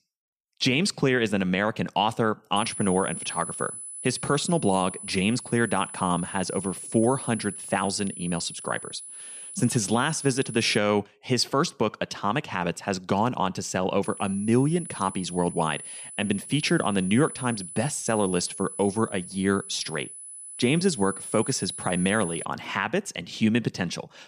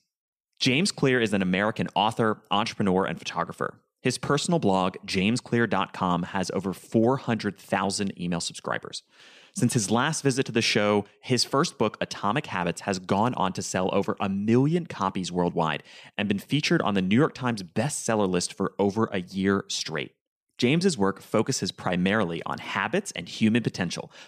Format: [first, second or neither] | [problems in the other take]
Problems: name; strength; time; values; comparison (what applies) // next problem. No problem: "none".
second | high-pitched whine; loud; from 2.5 to 11 s and from 14 to 22 s; 10 kHz, 10 dB below the speech